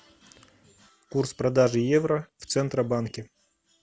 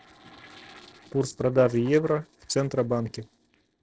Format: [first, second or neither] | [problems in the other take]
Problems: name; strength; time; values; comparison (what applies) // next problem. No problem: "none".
first | noise reduction (neural separator model SepFormer DNS4)